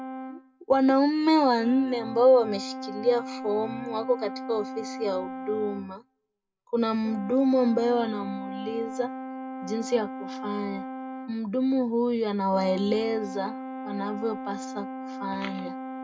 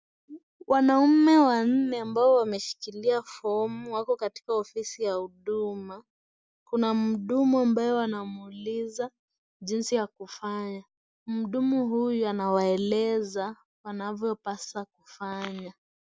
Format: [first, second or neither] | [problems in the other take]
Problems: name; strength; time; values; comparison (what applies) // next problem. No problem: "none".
second | background sound (Brass instrument); 10 dB below the speech // room echo; dies away in 0.2 s